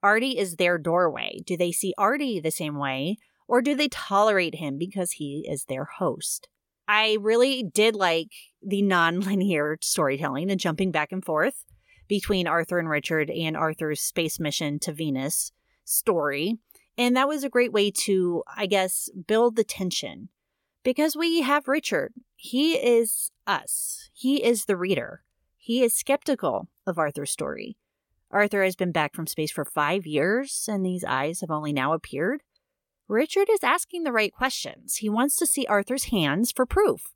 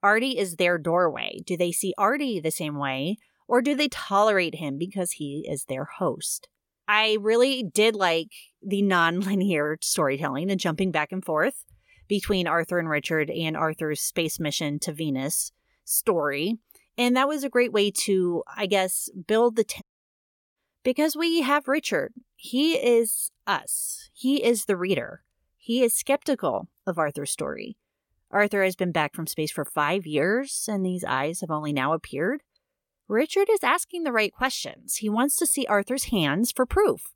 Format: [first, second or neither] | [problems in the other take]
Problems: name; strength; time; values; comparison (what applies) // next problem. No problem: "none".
first | audio cutting out; at 20 s for 0.5 s